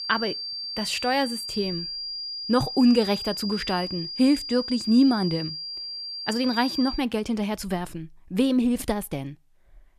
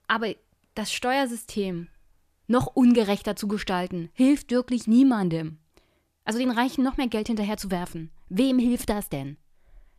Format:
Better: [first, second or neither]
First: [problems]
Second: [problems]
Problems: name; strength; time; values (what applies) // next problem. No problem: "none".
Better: second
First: high-pitched whine; loud; until 7 s; 5 kHz, 6 dB below the speech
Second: none